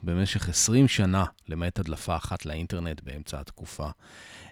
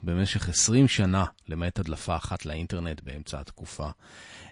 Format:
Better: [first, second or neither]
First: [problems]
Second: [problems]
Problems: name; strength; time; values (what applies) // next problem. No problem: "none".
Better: first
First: none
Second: garbled, watery; slightly